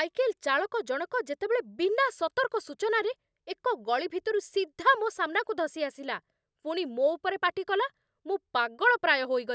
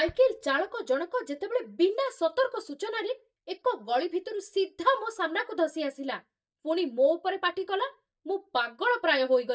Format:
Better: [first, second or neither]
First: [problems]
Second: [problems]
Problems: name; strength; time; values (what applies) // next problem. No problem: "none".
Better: first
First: none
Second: noise reduction (neural mask model DeepFilterNet 3)